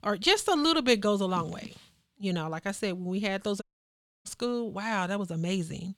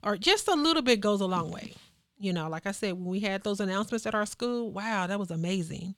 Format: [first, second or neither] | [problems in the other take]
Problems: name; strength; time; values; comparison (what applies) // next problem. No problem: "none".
second | audio cutting out; at 3.5 s for 0.5 s